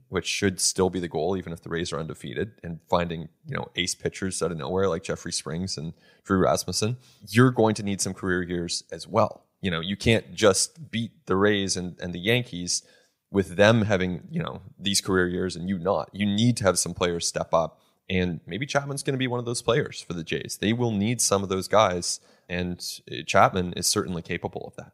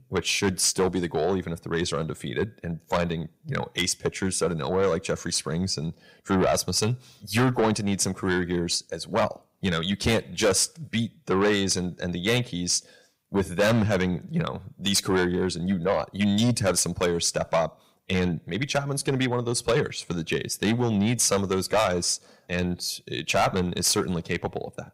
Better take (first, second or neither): first